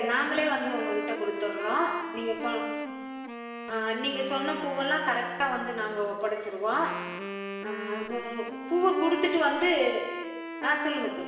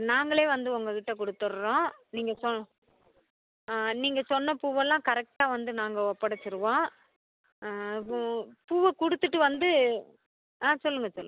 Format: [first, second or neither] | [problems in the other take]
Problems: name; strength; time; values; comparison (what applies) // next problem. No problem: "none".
second | background sound (Wind instrument, woodwind instrument); 8 dB below the speech // room echo; dies away in 1.3 s